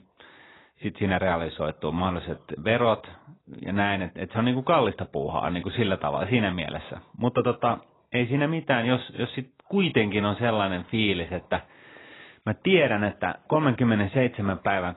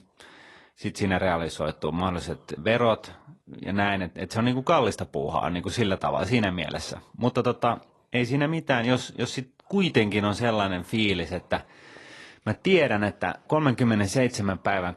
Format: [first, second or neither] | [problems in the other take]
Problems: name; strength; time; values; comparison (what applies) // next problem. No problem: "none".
second | garbled, watery; badly; nothing above 4 kHz; slightly in the second